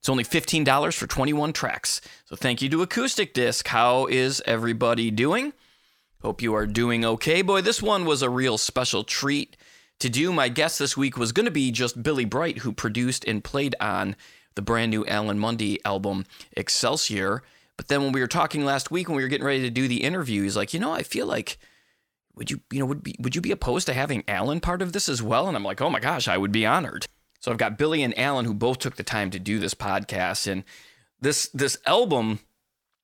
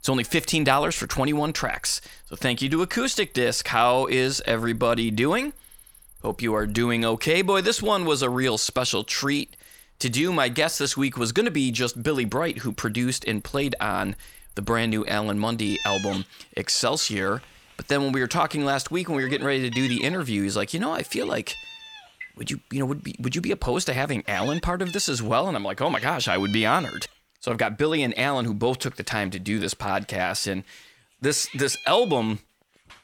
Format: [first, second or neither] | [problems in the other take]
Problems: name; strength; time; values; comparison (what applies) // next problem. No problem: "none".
first | animal sounds; noticeable; throughout; 15 dB below the speech